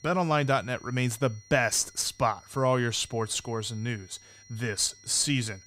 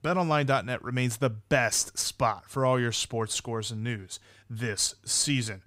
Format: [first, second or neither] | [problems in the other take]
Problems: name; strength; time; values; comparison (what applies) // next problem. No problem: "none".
second | high-pitched whine; faint; throughout; 5.5 kHz, 25 dB below the speech